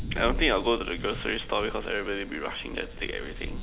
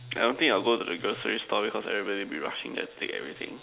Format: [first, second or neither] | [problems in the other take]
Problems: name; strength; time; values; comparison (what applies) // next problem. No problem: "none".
second | background sound (Thunder); 6 dB below the speech